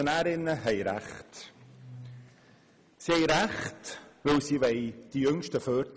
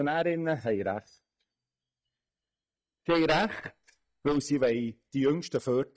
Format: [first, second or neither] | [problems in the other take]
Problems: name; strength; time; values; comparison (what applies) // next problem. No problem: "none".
first | noise reduction (neural mask model DeepFilterNet 3)